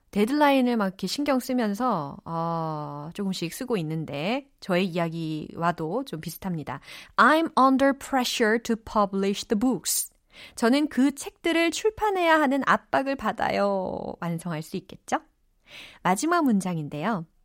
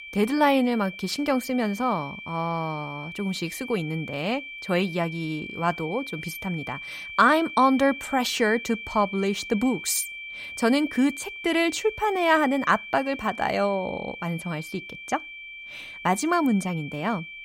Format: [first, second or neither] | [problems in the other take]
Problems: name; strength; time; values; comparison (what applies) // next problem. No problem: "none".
first | high-pitched whine; noticeable; throughout; 2.5 kHz, 10 dB below the speech